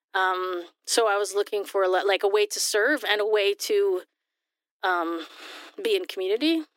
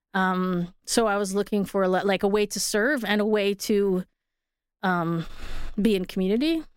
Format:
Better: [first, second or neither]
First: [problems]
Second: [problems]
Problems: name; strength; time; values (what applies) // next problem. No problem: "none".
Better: second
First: thin; very; fading below 300 Hz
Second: none